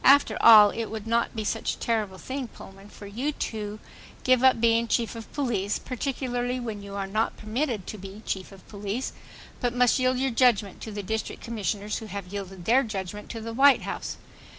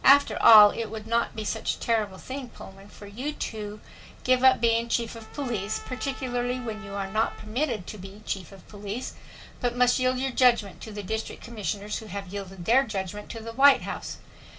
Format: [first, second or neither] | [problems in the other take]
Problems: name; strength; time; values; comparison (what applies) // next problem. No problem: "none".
first | background sound (Trumpet); 18 dB below the speech // room echo; dies away in 0.2 s